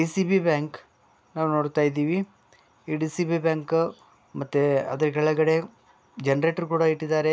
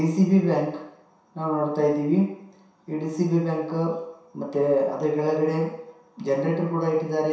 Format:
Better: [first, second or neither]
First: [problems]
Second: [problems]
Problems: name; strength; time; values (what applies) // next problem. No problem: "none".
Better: first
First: none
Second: room echo; dies away in 0.7 s